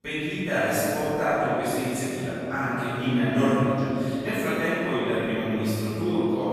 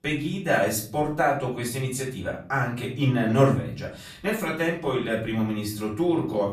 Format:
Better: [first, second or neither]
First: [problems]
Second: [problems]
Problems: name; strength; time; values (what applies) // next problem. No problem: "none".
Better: second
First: room echo; strong; dies away in 3 s // off-mic speech; far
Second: room echo; slight; dies away in 0.6 s // off-mic speech; far